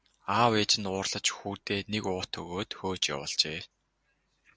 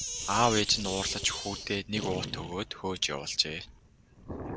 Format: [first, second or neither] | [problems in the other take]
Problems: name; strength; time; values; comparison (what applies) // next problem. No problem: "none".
first | background sound (Sink (filling or washing)); 7 dB below the speech